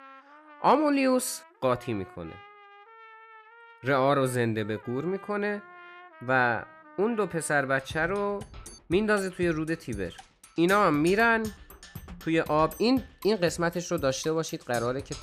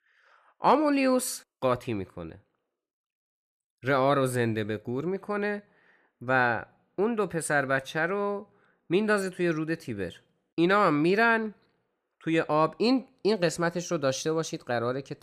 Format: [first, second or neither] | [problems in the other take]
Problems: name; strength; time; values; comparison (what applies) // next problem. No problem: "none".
second | background music; faint; throughout; 20 dB below the speech